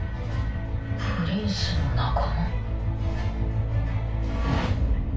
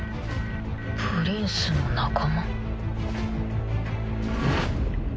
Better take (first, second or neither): second